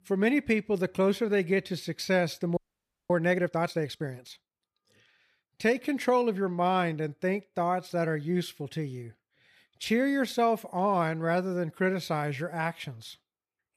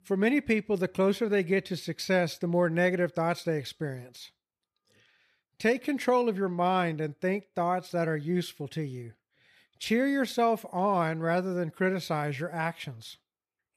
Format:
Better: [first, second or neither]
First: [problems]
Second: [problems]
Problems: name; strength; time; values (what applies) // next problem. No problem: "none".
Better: second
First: audio freezing; at 2.5 s for 0.5 s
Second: none